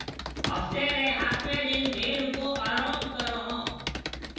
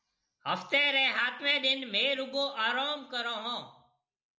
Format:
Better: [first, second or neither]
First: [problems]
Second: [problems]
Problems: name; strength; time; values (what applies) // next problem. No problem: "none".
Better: second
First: background sound (Computer keyboard); 5 dB below the speech // room echo; dies away in 1.3 s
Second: none